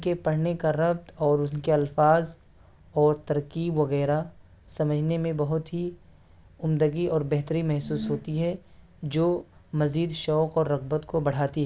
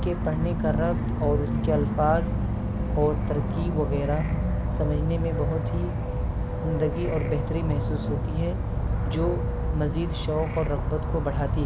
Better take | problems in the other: first | background sound (Insect / Frog); 3 dB above the speech

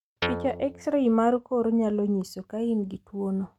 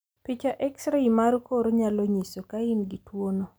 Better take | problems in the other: second | noise reduction (neural mask model RNNoise)

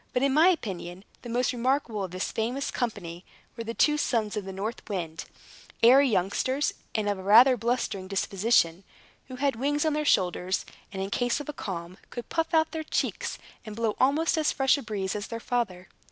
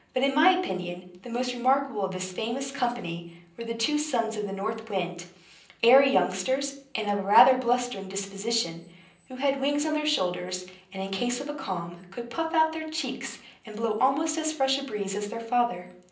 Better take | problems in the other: first | room echo; dies away in 0.6 s

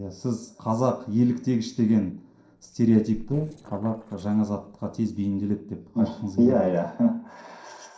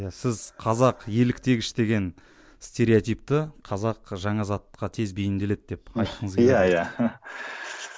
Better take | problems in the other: second | noise reduction (neural separator model SepFormer DNS4)

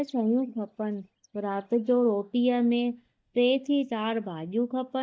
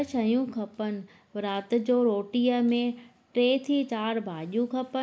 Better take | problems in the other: second | noise reduction (neural mask model DeepFilterNet 3)

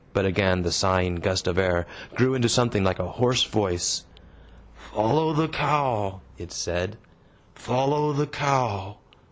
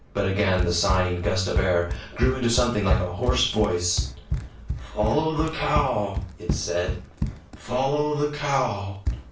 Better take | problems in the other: first | background sound (Run); 5 dB below the speech // room echo; dies away in 0.3 s

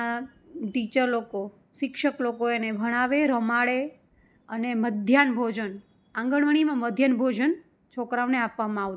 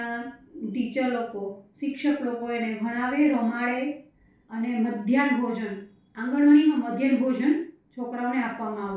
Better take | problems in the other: first | room echo; dies away in 0.4 s

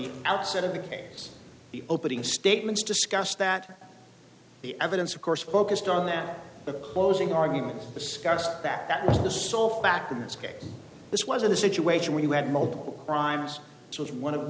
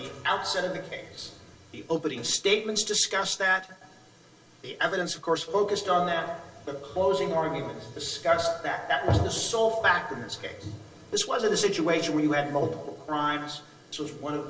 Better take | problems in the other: first | room echo; dies away in 0.2 s

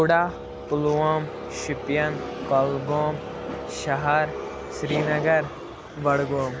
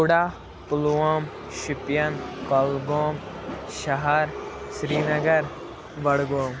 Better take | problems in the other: second | background sound (Wind instrument, woodwind instrument); 13 dB below the speech

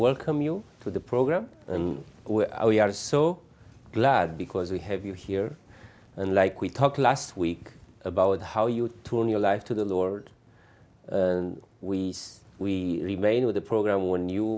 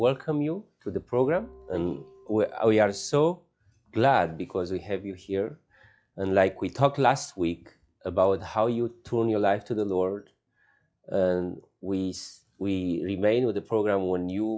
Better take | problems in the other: first | noise reduction (classical method log-MMSE)

